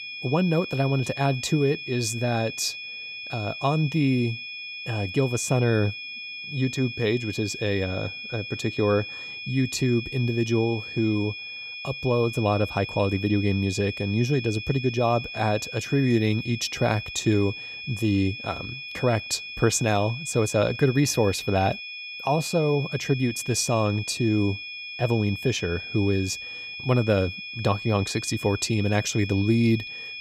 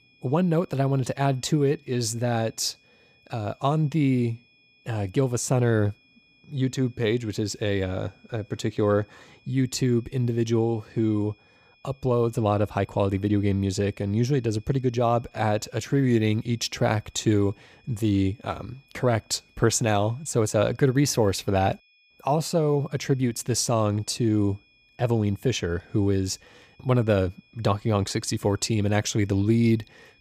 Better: second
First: high-pitched whine; loud; throughout; 2.5 kHz, 9 dB below the speech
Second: high-pitched whine; faint; throughout; 2.5 kHz, 35 dB below the speech

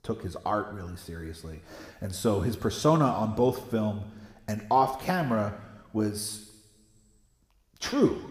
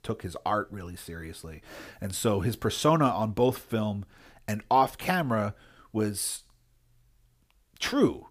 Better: second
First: room echo; very slight; dies away in 1.3 s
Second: none

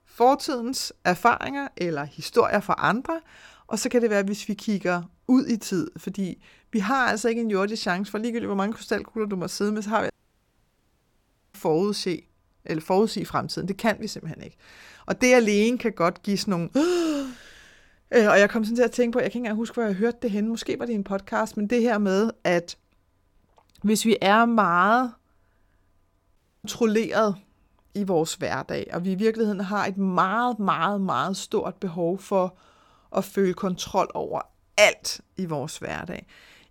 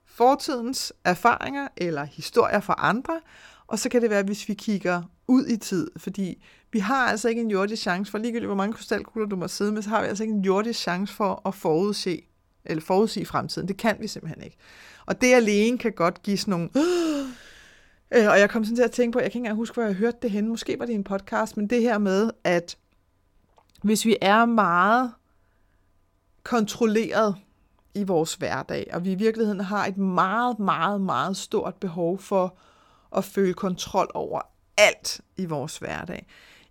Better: second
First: audio cutting out; at 10 s for 1.5 s and at 26 s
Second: none

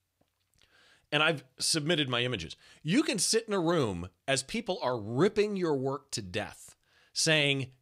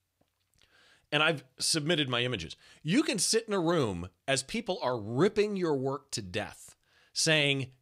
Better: neither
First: none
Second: none

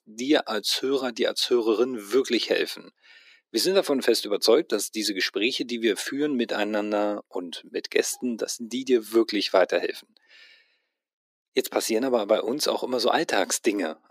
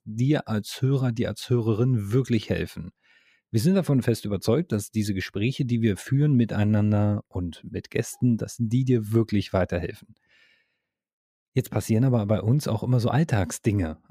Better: second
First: thin; very; fading below 300 Hz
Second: none

